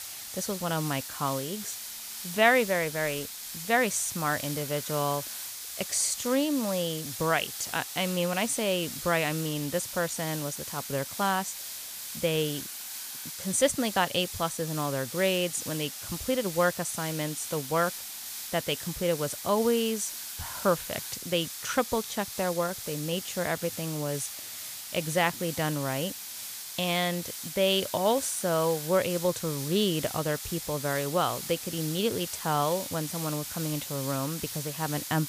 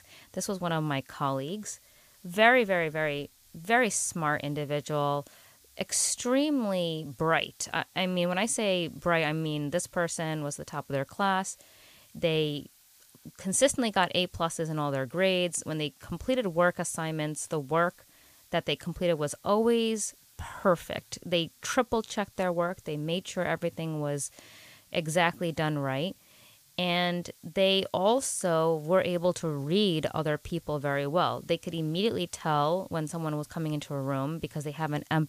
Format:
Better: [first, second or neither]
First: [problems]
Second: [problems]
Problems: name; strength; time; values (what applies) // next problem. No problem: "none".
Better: second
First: hiss; loud; throughout; 7 dB below the speech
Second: hiss; faint; throughout; 30 dB below the speech